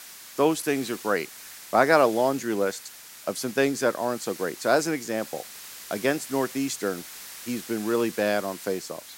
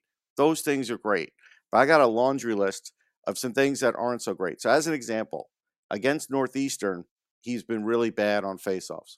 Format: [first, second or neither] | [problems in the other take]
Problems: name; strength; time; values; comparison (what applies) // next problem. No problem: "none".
second | hiss; noticeable; throughout; 15 dB below the speech